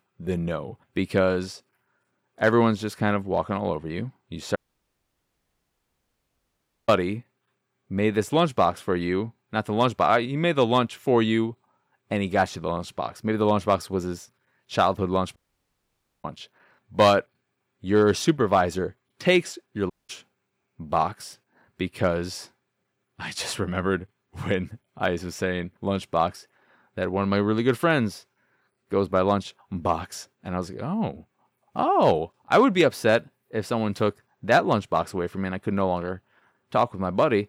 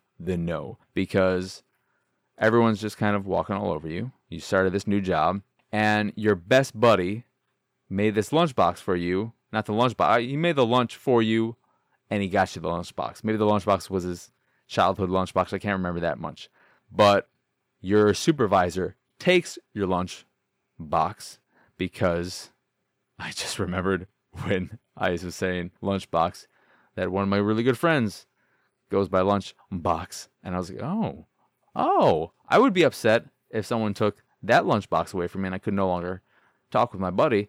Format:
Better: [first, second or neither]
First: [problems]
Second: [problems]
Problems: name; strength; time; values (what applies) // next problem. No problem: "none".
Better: second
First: audio cutting out; at 4.5 s for 2.5 s, at 15 s for 1 s and at 20 s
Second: none